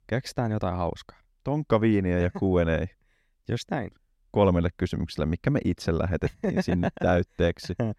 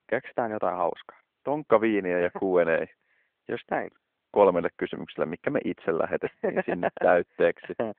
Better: first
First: none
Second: phone-call audio

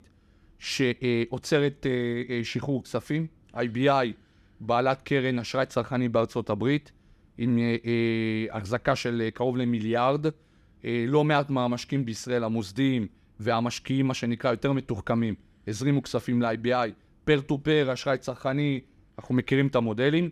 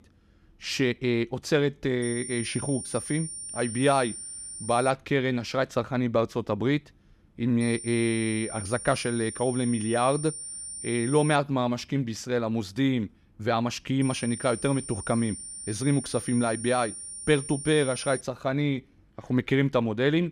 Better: first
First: none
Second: high-pitched whine; loud; from 2 to 5 s, from 7.5 to 11 s and from 14 to 18 s; 9 kHz, 9 dB below the speech

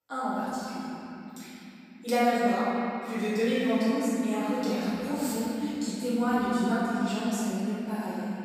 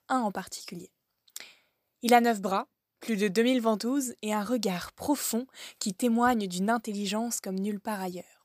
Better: second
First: off-mic speech; far // room echo; strong; dies away in 3 s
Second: none

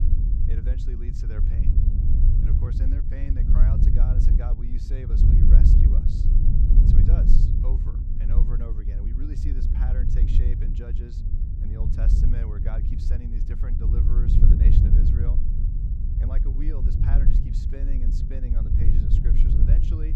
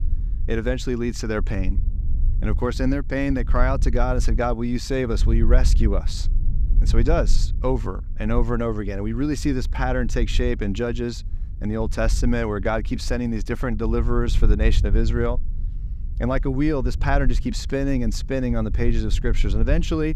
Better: second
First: wind noise on the microphone; heavy; 4 dB above the speech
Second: wind noise on the microphone; occasional gusts; 20 dB below the speech

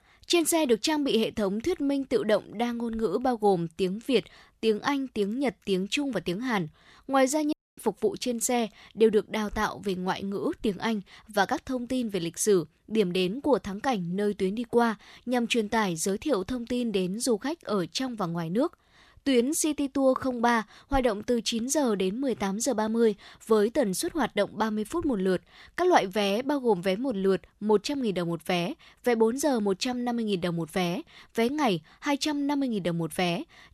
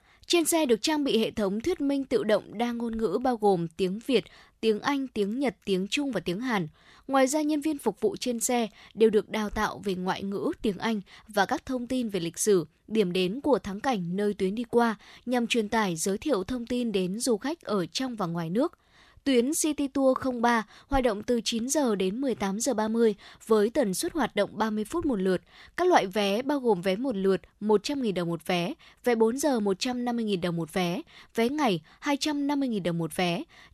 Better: second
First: audio cutting out; at 7.5 s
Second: none

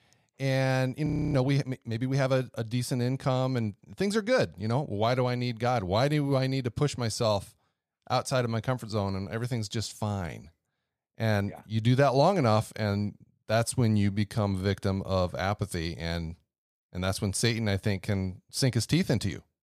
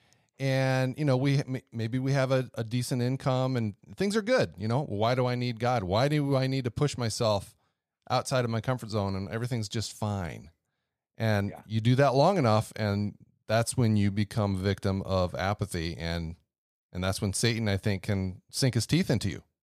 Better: second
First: audio freezing; at 1 s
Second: none

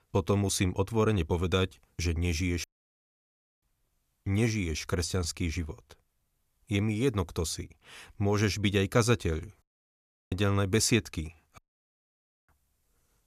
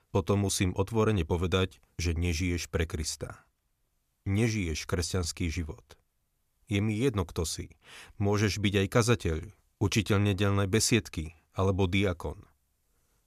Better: second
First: audio cutting out; at 2.5 s for 1 s, at 9.5 s for 0.5 s and at 12 s for 1 s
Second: none

